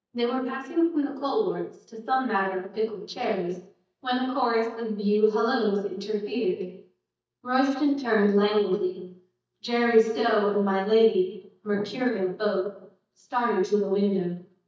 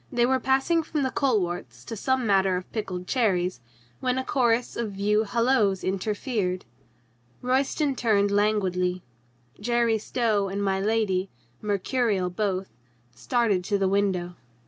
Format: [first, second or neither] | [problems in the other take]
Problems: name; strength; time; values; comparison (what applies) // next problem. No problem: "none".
second | noise reduction (neural mask model DeepFilterNet 3)